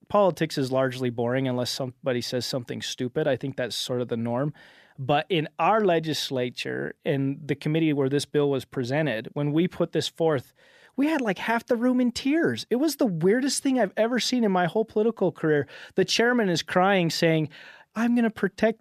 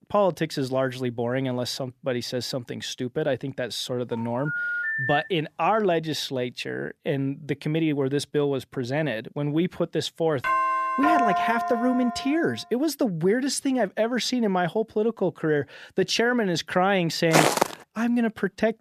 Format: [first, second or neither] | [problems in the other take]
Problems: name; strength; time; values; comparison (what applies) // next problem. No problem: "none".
first | phone ringing; loud; from 4 to 5.5 s; peak level with the speech // doorbell; loud; from 10 to 12 s; peak 4 dB above the speech // footsteps; loud; at 17 s; peak 6 dB above the speech